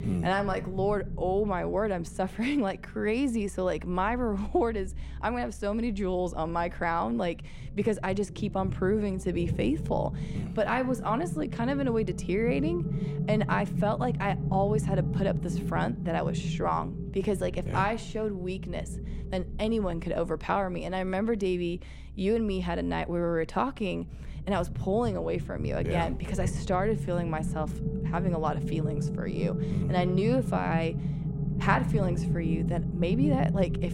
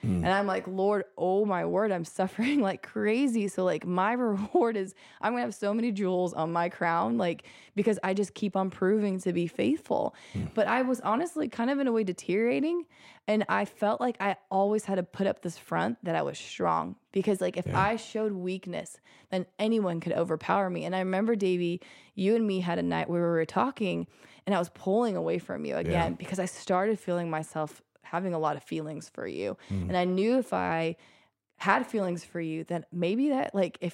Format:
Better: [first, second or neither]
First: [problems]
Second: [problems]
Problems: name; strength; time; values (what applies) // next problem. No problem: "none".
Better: second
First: low rumble; noticeable; throughout; 10 dB below the speech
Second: none